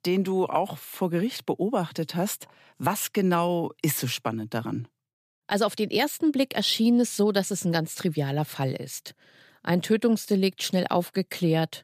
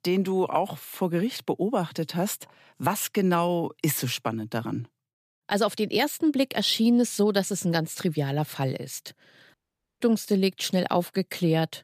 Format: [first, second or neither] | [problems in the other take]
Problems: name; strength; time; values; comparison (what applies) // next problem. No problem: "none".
first | audio cutting out; at 9.5 s